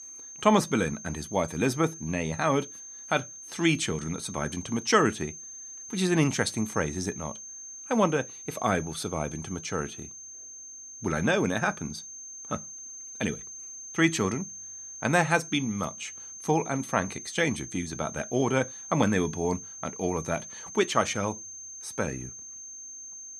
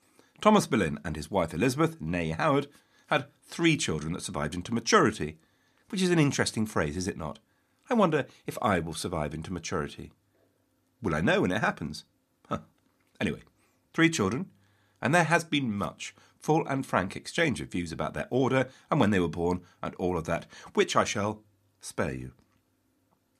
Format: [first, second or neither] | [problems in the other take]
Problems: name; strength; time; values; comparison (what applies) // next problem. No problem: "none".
second | high-pitched whine; noticeable; throughout; 6.5 kHz, 10 dB below the speech